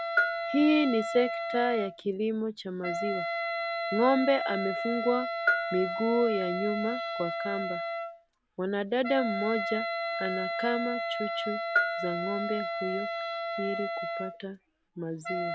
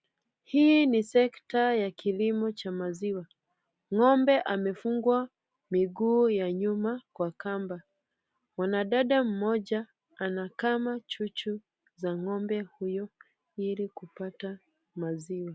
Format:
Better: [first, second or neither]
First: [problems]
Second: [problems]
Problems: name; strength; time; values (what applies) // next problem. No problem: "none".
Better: second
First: background sound (Wind instrument, woodwind instrument + Bell); 2 dB below the speech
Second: none